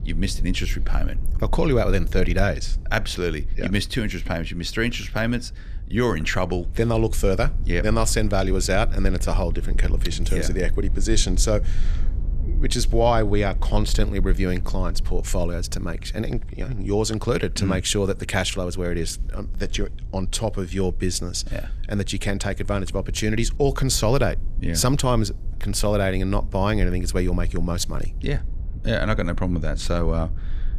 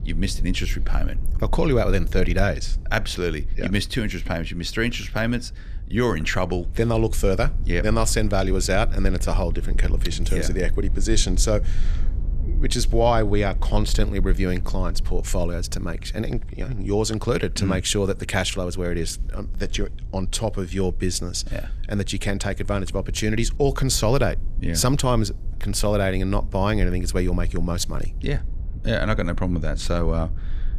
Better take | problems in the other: neither | low rumble; faint; throughout; 25 dB below the speech; the same in both

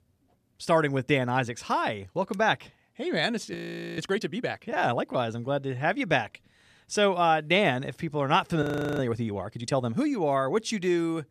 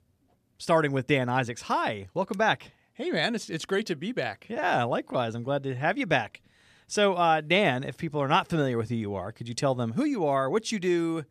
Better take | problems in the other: second | audio freezing; at 3.5 s and at 8.5 s

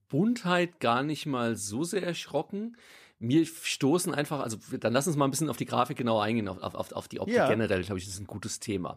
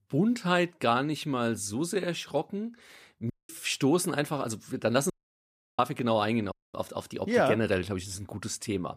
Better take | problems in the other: first | audio cutting out; at 3.5 s, at 5 s for 0.5 s and at 6.5 s

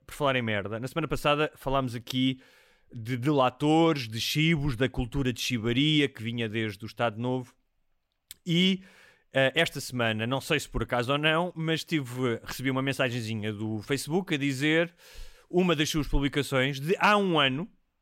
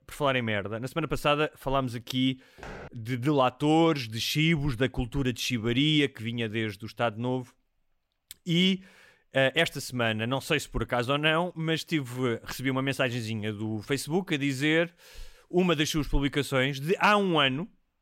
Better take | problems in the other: first | footsteps; faint; at 2.5 s; peak 15 dB below the speech

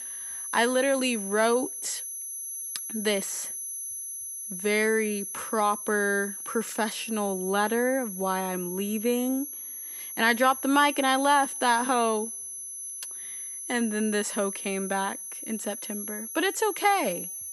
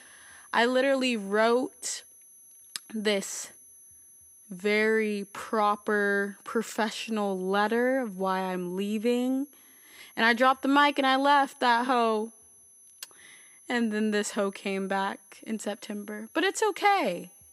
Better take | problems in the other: second | high-pitched whine; loud; throughout; 11 kHz, 7 dB below the speech; faint in the second

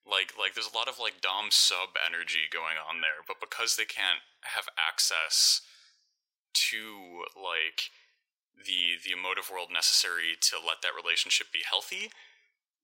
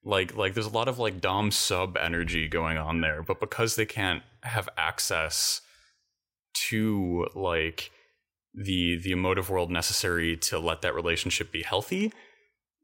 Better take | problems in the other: second | thin; very; fading below 850 Hz

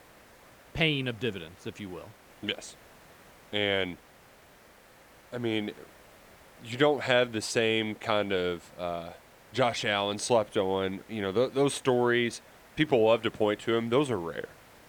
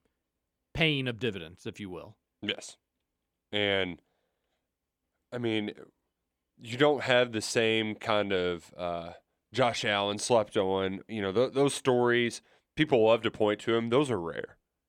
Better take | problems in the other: second | hiss; faint; throughout; 25 dB below the speech

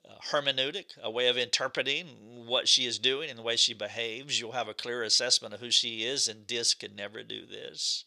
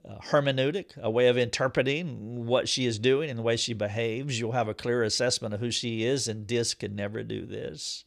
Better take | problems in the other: second | thin; somewhat; fading below 800 Hz

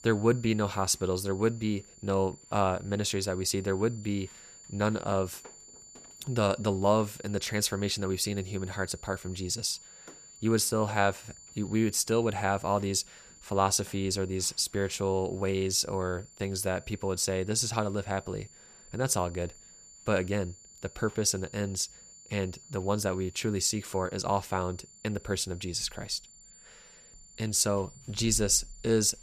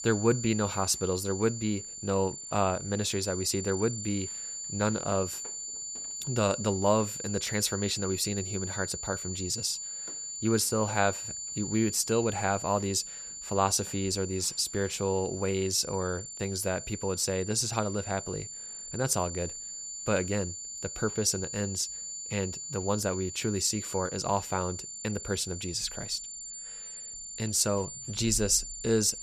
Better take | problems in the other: first | high-pitched whine; loud; throughout; 7 kHz, 7 dB below the speech; faint in the first

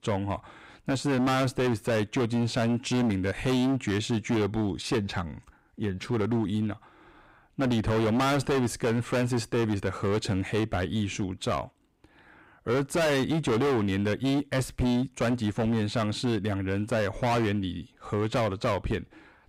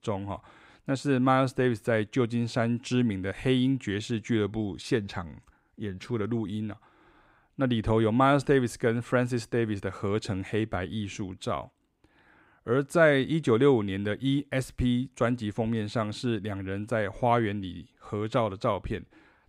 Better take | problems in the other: second | distortion; heavy; 19% of the sound clipped

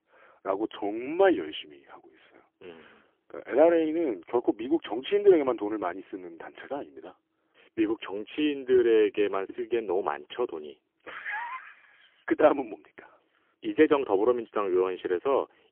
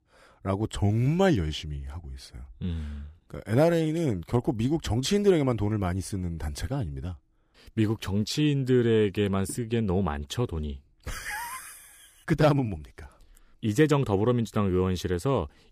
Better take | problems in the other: second | phone-call audio; poor line; nothing above 3.5 kHz

